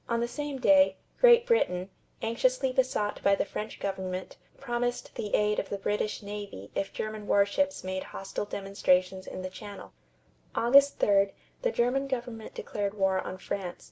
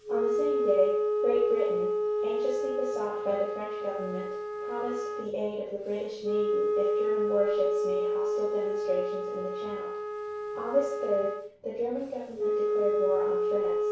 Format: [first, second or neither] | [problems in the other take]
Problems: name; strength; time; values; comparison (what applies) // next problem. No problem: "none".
first | background sound (Wind instrument, woodwind instrument); 3 dB above the speech // room echo; dies away in 0.6 s